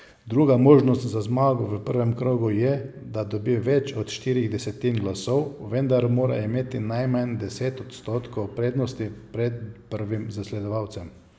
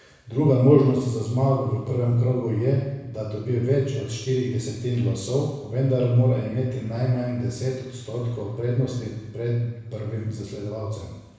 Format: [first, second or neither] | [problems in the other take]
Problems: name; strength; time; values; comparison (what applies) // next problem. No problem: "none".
first | room echo; dies away in 1 s